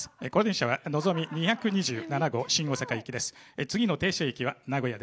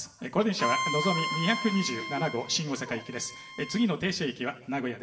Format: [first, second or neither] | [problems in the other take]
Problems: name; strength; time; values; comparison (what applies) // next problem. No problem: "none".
first | background sound (Bowed string instrument); 5 dB below the speech // room echo; dies away in 2 s